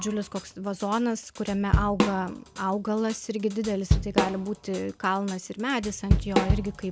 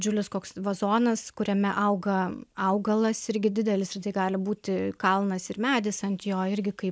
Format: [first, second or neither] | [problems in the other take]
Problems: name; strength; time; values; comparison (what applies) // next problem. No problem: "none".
second | background sound (Drum / Drum kit); as loud as the speech